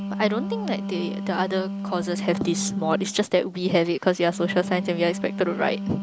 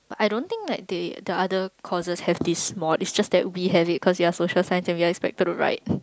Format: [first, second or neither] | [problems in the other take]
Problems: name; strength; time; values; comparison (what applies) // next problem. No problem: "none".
second | background sound (Wind instrument, woodwind instrument); 6 dB below the speech